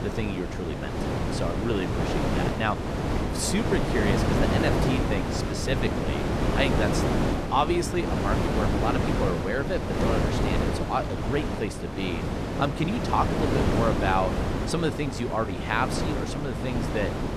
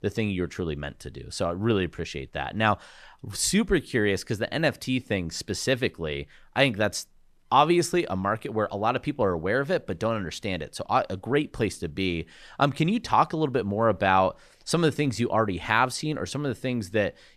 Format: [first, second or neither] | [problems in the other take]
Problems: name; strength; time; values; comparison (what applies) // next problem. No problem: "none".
second | wind noise on the microphone; heavy; 1 dB below the speech